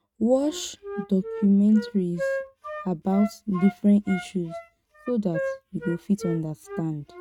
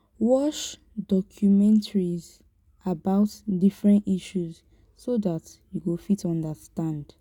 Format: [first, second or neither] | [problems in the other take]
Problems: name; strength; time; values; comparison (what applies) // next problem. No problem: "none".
second | noise reduction (neural mask model RNNoise)